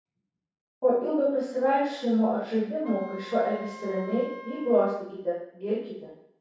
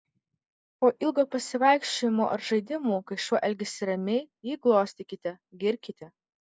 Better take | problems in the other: second | background sound (Wind instrument, woodwind instrument); 17 dB below the speech // room echo; dies away in 0.7 s

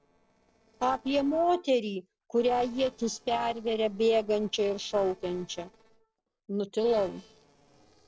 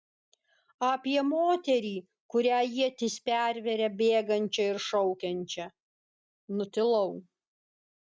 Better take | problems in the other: second | noise reduction (neural separator model SepFormer DNS4)

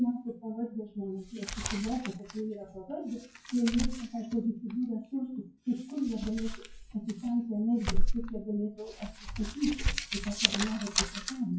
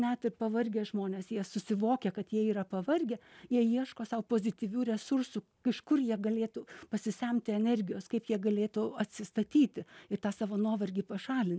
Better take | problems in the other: second | noise reduction (classical method WPE with log-MMSE)

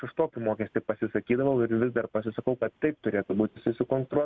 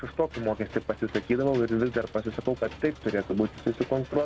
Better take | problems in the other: first | background sound (Engine / Mechanisms); 16 dB below the speech

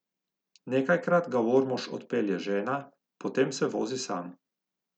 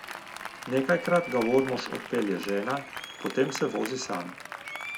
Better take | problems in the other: first | background sound (Applause); 10 dB below the speech

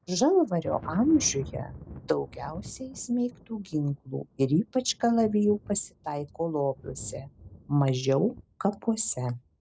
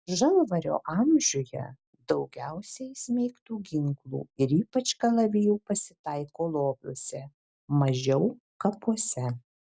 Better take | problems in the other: second | background sound (Thunder); 19 dB below the speech

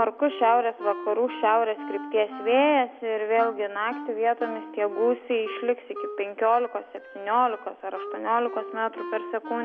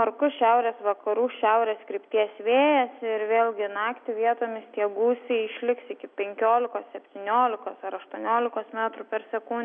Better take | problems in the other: second | background sound (Wind instrument, woodwind instrument); 13 dB below the speech

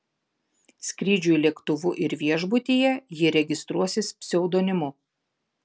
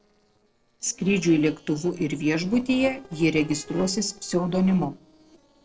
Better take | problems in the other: first | noise reduction (neural separator model SepFormer DNS4)

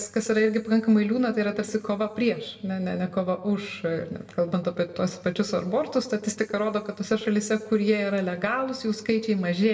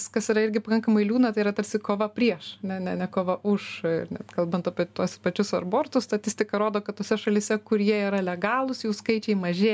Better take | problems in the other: second | room echo; dies away in 1.1 s

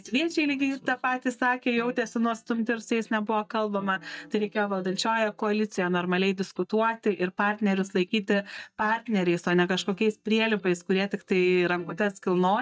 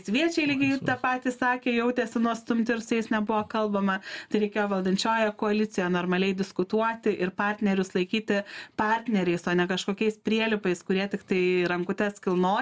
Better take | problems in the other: second | noise reduction (neural mask model DeepFilterNet 3)

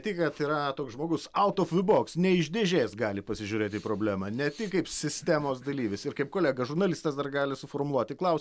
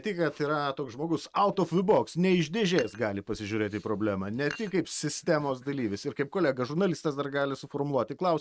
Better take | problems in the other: first | noise reduction (neural mask model RNNoise)

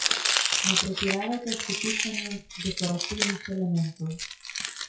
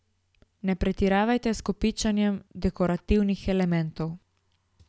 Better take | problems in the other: second | noise reduction (classical method WPE with log-MMSE)

